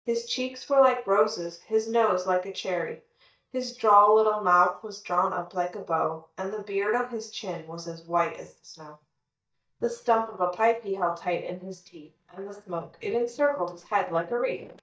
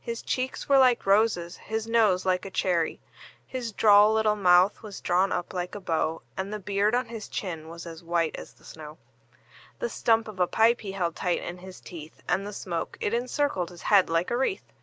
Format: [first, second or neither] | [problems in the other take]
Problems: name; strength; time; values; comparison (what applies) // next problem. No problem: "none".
second | noise reduction (neural mask model DeepFilterNet 3)